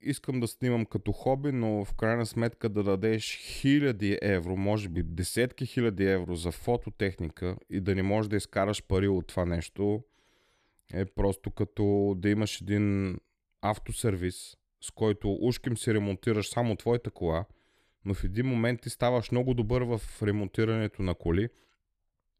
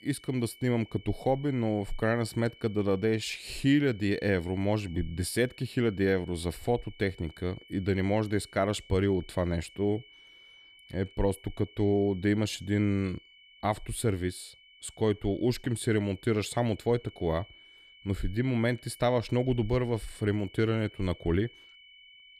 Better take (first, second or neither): first